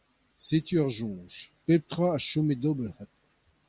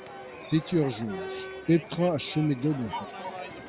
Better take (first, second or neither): first